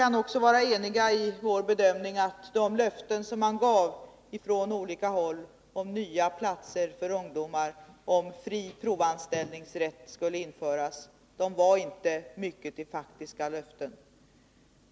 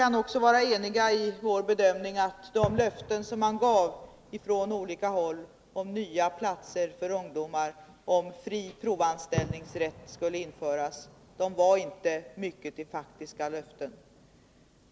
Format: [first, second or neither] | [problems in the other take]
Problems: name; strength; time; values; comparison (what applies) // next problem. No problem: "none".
first | background sound (Fireworks); 16 dB below the speech